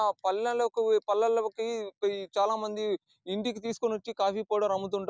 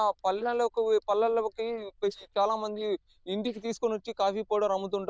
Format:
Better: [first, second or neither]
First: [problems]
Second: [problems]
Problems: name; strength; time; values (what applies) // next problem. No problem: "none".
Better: first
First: none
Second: noise reduction (neural diffusion model UNIVERSE++)